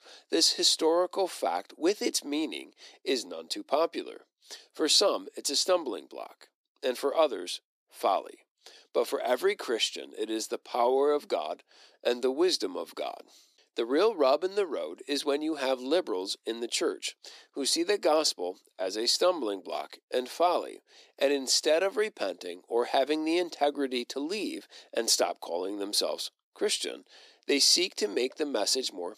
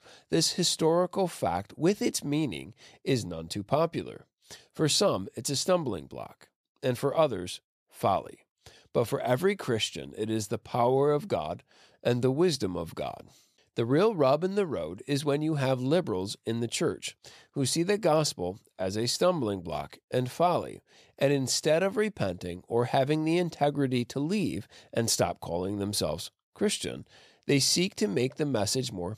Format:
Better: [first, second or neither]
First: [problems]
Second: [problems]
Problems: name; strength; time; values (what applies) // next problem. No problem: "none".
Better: second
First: thin; somewhat; fading below 300 Hz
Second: none